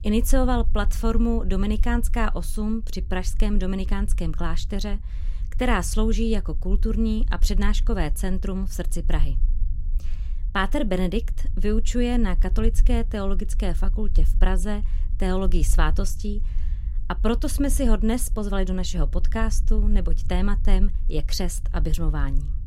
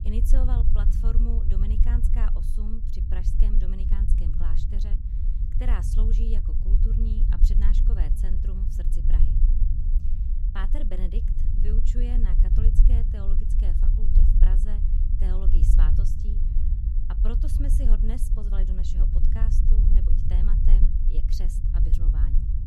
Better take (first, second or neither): first